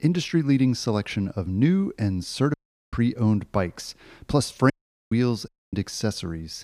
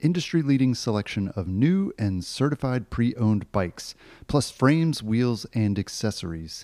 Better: second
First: audio cutting out; at 2.5 s, at 4.5 s and at 5.5 s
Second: none

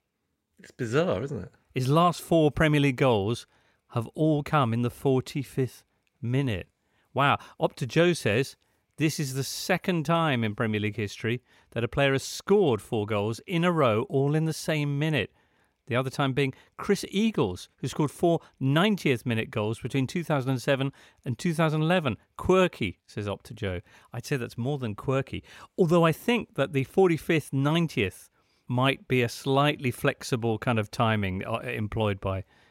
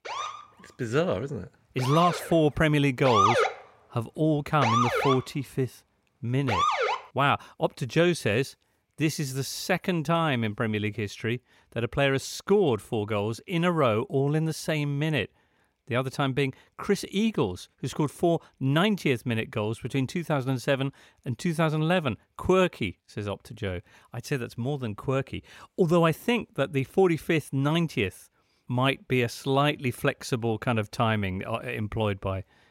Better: first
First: none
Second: siren; loud; until 7 s; peak 6 dB above the speech

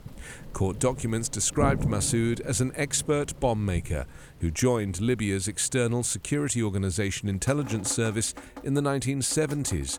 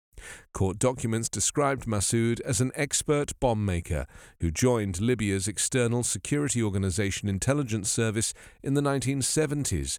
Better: second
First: rain or running water; noticeable; throughout; 10 dB below the speech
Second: none

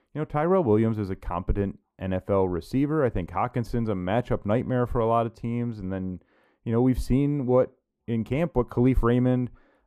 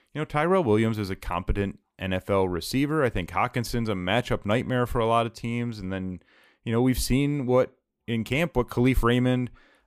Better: second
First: muffled; slightly; fading above 1.5 kHz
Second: none

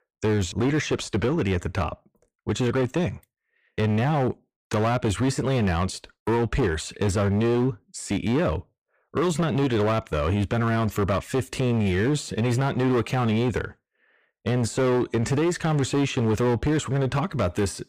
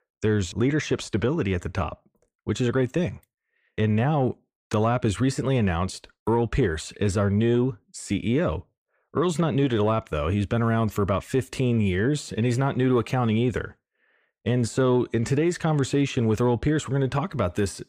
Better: second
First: distortion; slight; 17% of the sound clipped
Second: none

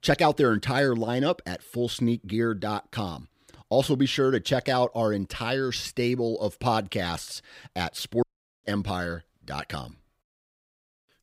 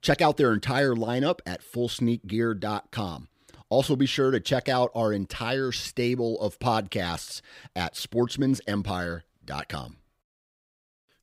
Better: second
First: audio cutting out; at 8 s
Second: none

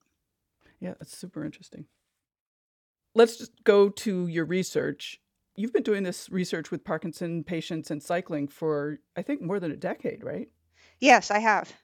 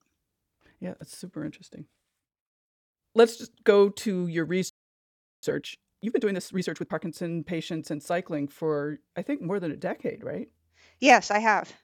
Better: first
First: none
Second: audio freezing; at 4.5 s for 0.5 s

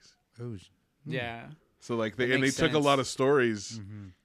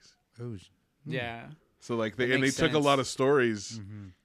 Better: neither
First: none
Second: none

